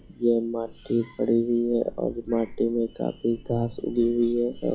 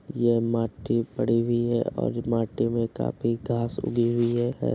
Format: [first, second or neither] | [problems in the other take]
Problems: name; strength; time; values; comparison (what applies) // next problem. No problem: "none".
second | noise reduction (classical method log-MMSE)